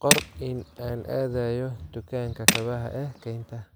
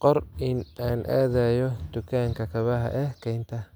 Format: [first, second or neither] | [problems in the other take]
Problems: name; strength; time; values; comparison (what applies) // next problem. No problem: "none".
second | background sound (Tools); 2 dB above the speech